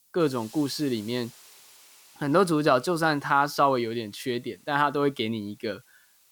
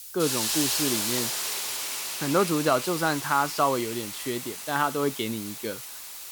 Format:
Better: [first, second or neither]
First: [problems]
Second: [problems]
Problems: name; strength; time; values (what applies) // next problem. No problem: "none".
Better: first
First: hiss; faint; throughout; 25 dB below the speech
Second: hiss; loud; throughout; 2 dB below the speech